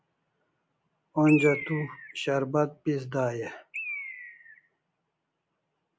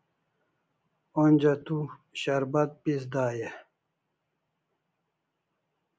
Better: second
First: background sound (Bird); 11 dB below the speech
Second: none

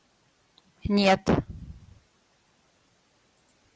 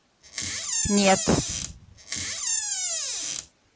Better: first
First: none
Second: background sound (Door); as loud as the speech

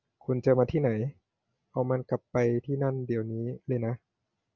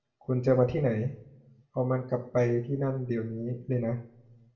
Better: first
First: none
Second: room echo; dies away in 0.5 s

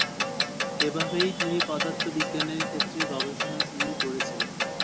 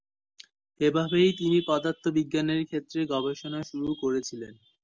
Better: second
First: background sound (Clock); 3 dB above the speech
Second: none

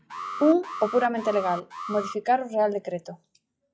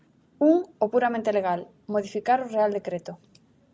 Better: second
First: noise reduction (classical method log-MMSE)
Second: none

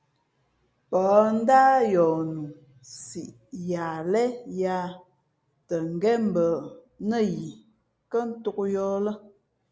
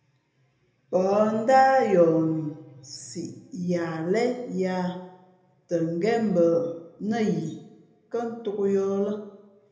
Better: first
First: none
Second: room echo; dies away in 0.7 s

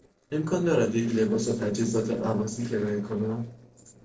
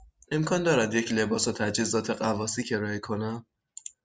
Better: second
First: noise reduction (neural separator model SepFormer DNS4)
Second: none

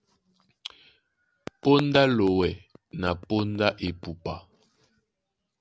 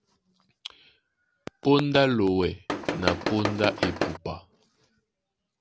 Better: first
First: none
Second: background sound (Tools); 1 dB below the speech

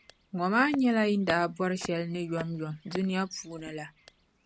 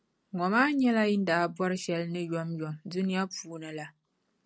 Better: second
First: background sound (Walk, footsteps); 16 dB below the speech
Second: none

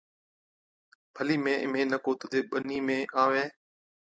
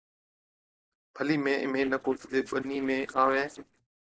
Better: first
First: none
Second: noise reduction (neural separator model SepFormer DNS4)

